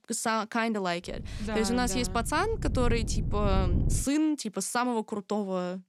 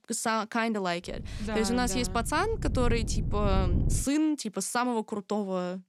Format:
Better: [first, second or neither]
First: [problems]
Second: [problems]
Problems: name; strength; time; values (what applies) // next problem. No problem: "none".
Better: neither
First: wind noise on the microphone; occasional gusts; from 1 to 4 s; 15 dB below the speech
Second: wind noise on the microphone; occasional gusts; from 1 to 4 s; 15 dB below the speech